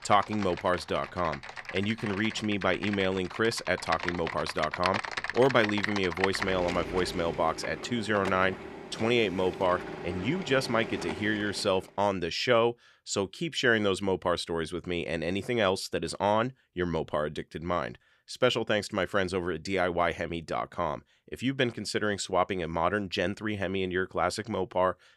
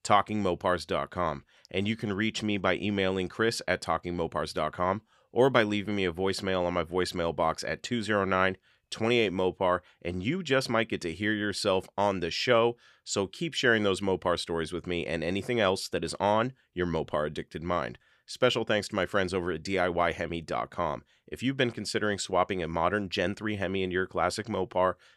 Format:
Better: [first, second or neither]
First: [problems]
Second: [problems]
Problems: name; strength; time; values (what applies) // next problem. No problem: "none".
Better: second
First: household noises; loud; until 12 s; 8 dB below the speech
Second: none